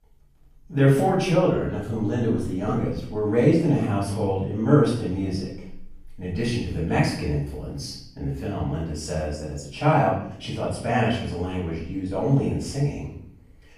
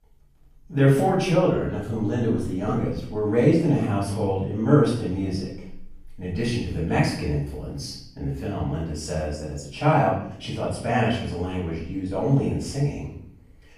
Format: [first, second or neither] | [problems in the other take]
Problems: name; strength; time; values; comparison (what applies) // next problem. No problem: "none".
neither | off-mic speech; far; the same in both // room echo; noticeable; dies away in 0.6 s; the same in both